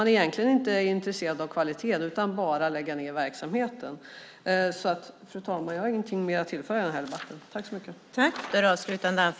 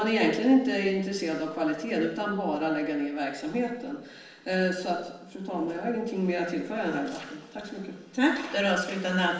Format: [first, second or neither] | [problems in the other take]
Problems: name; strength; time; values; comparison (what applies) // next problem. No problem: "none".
first | room echo; dies away in 0.8 s